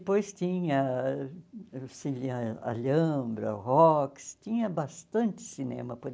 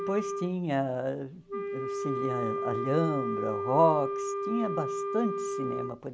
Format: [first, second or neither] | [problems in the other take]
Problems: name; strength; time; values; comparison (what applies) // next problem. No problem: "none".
first | background sound (Wind instrument, woodwind instrument); 3 dB below the speech